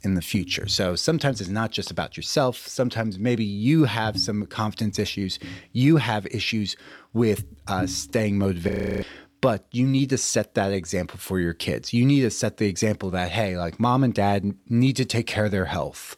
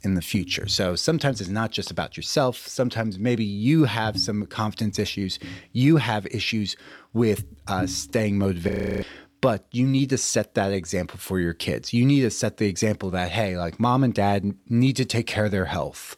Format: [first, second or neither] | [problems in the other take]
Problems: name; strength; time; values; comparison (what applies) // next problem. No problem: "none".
neither | audio freezing; at 8.5 s; the same in both